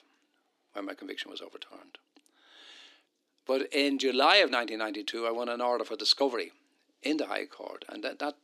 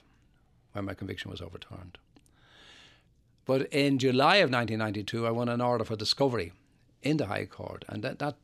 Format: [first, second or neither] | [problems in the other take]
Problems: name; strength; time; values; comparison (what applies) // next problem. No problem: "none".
second | thin; very slightly; fading below 300 Hz